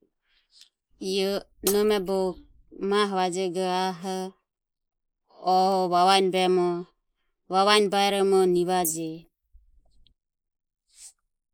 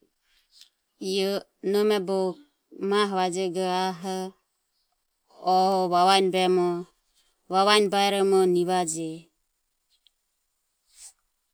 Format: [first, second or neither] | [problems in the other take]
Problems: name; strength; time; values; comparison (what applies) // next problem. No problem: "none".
second | noise reduction (neural mask model Resemble Enhance denoiser)